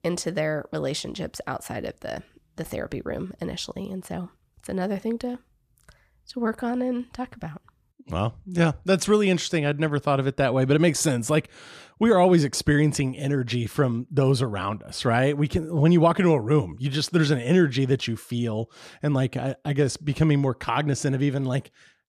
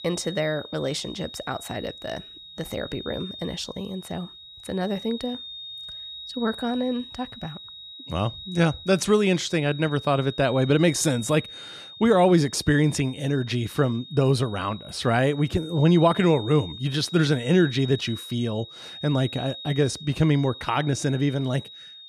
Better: first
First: none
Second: high-pitched whine; noticeable; throughout; 3.5 kHz, 15 dB below the speech

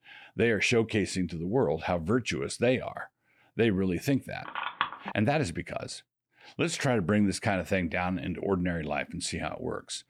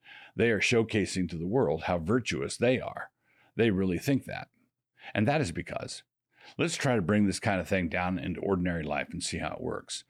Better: second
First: phone ringing; noticeable; at 4.5 s; peak 3 dB below the speech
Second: none

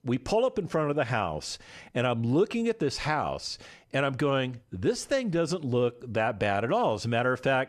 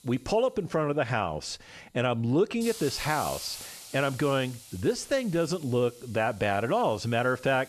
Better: first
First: none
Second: hiss; noticeable; throughout; 15 dB below the speech

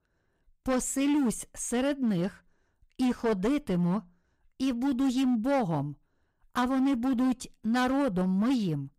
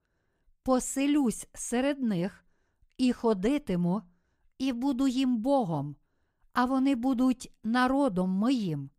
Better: second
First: distortion; slight; 11% of the sound clipped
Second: none

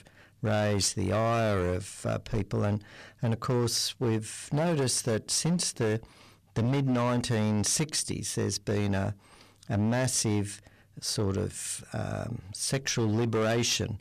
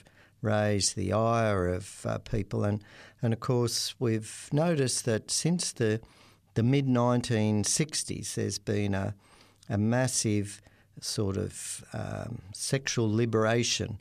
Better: second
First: distortion; slight; 12% of the sound clipped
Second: none

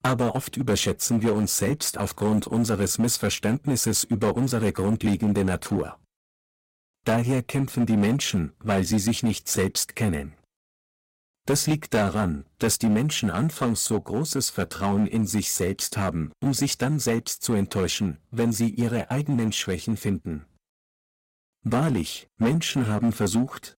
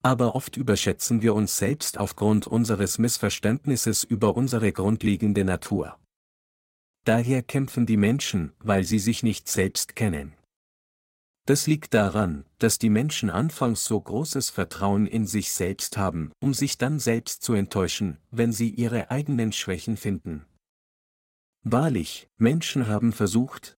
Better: second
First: distortion; slight; 7% of the sound clipped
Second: none

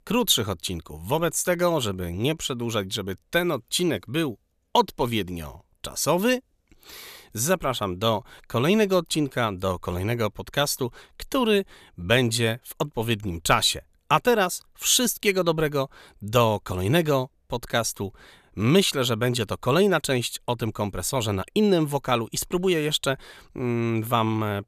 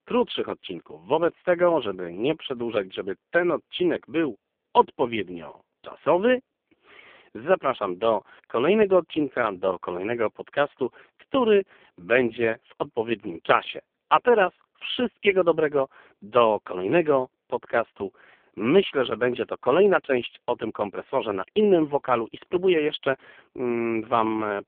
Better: first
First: none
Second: phone-call audio; poor line; nothing above 3.5 kHz

